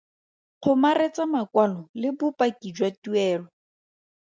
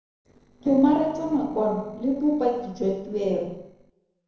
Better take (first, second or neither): first